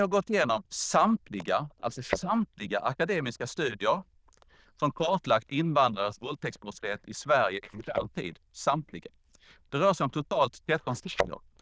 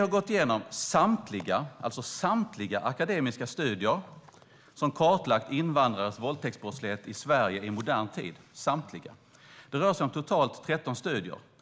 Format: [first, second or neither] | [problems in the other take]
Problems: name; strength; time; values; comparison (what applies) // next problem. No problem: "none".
second | noise reduction (neural diffusion model UNIVERSE++)